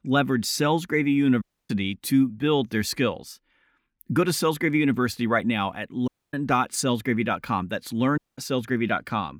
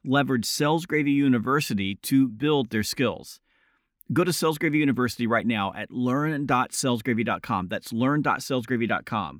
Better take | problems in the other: second | audio cutting out; at 1.5 s, at 6 s and at 8 s

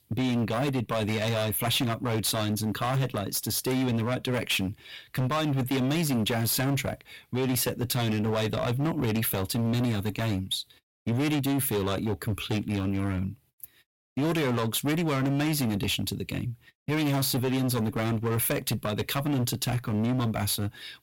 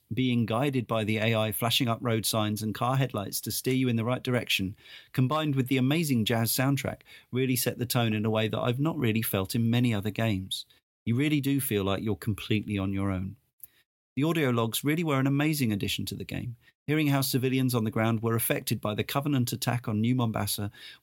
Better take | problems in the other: second | distortion; heavy; 20% of the sound clipped

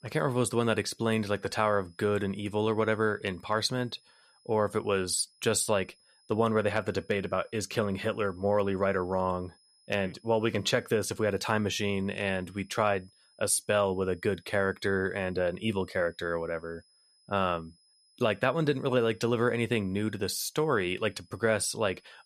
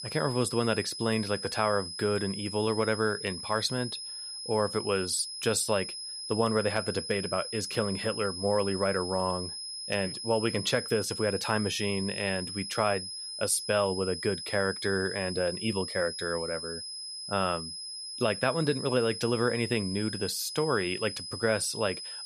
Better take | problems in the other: first | high-pitched whine; loud; throughout; 5 kHz, 6 dB below the speech; faint in the first

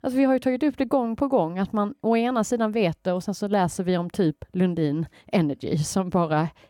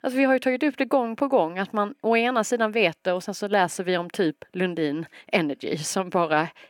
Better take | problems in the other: first | thin; very slightly; fading below 300 Hz

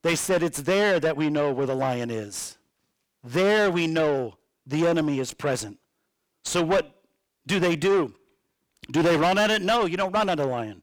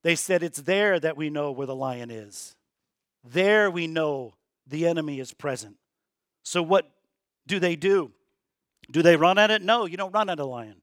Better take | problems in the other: second | distortion; heavy; 6 dB below the speech

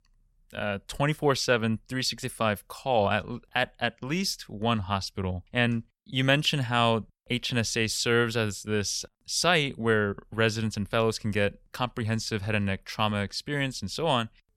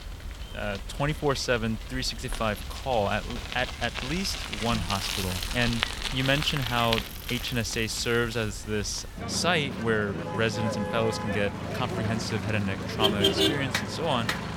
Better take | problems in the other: first | traffic noise; loud; throughout; 3 dB below the speech

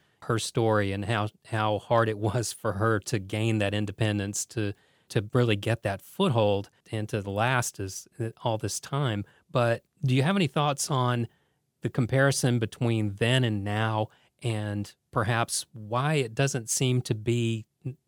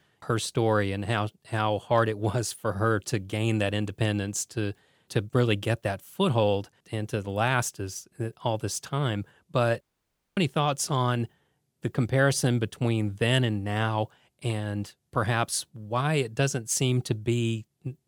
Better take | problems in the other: first | audio cutting out; at 10 s for 0.5 s

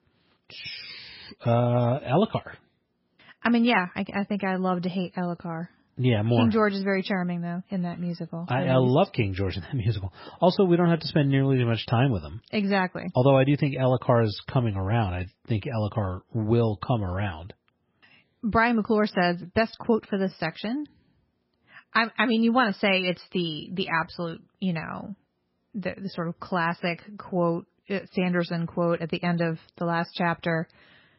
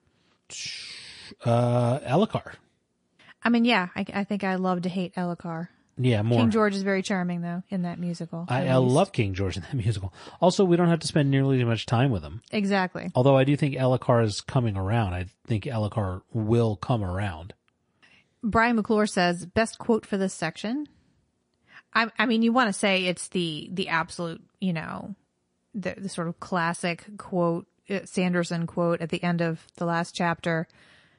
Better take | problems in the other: second | garbled, watery; badly; nothing above 5.5 kHz; slightly in the second

